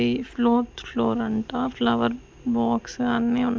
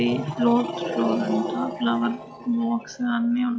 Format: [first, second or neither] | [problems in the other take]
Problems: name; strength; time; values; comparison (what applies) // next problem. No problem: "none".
first | noise reduction (classical method log-MMSE)